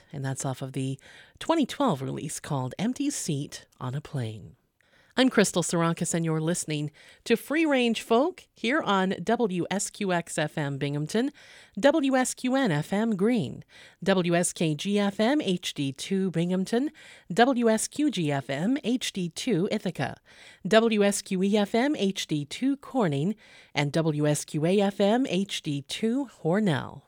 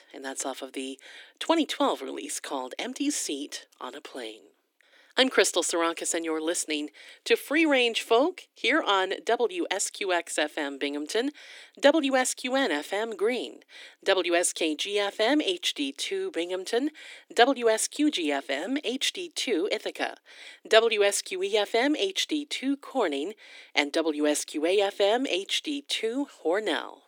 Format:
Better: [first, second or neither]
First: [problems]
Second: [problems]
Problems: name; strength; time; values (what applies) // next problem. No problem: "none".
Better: first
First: none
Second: thin; somewhat; fading below 300 Hz